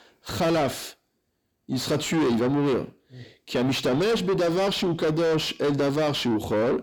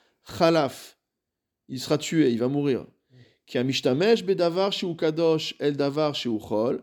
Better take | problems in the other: second | distortion; heavy; 6 dB below the speech

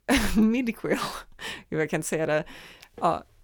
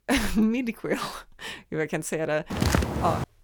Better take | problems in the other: first | footsteps; loud; at 2.5 s; peak 3 dB above the speech

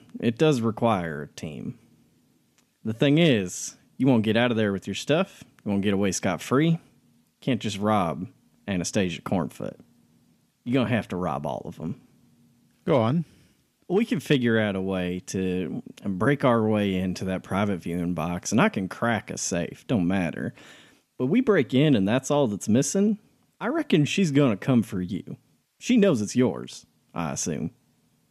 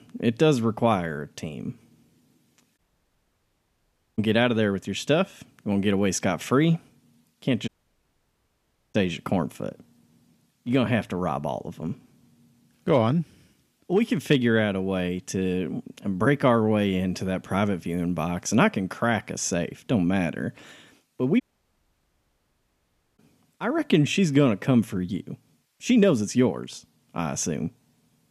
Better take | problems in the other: first | audio cutting out; at 3 s for 1.5 s, at 7.5 s for 1.5 s and at 21 s for 2 s

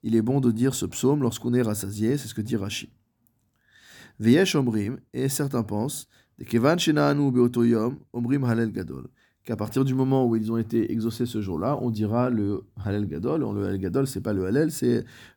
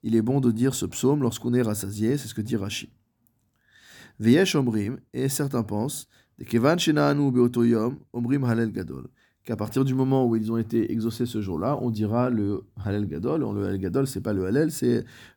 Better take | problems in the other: neither | none

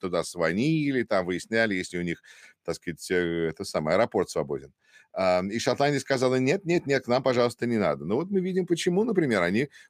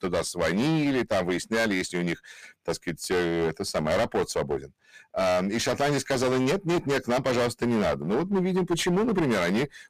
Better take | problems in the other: first | distortion; heavy; 21% of the sound clipped

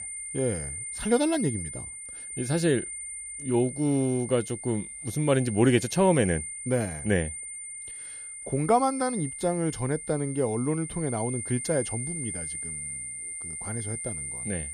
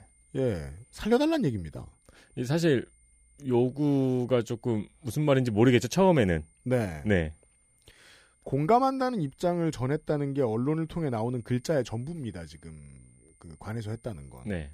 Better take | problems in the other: second | high-pitched whine; loud; throughout; 9 kHz, 7 dB below the speech; faint in the second

